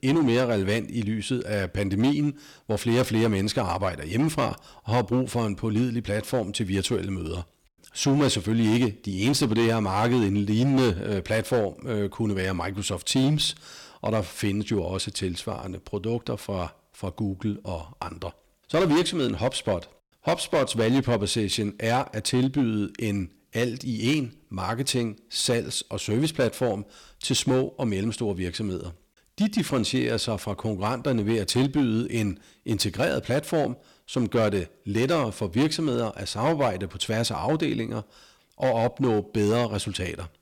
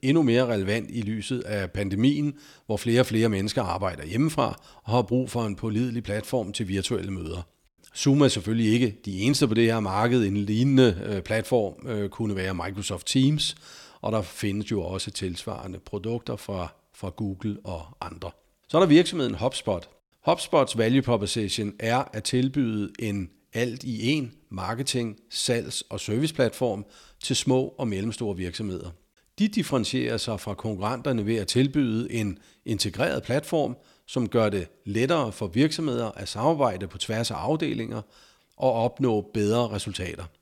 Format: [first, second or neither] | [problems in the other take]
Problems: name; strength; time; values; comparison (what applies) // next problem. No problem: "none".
second | distortion; slight; 6% of the sound clipped